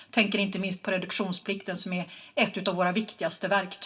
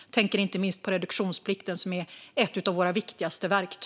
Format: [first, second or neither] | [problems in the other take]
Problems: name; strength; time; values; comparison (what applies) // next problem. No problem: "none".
second | room echo; dies away in 0.2 s